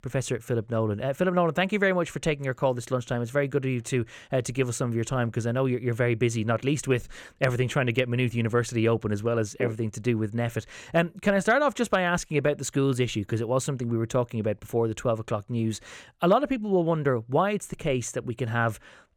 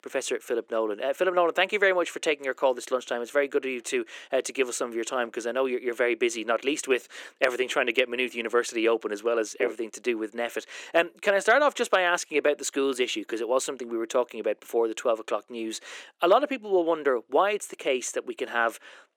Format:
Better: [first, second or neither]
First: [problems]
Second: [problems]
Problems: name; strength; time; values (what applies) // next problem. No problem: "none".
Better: first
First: none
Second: thin; somewhat; fading below 300 Hz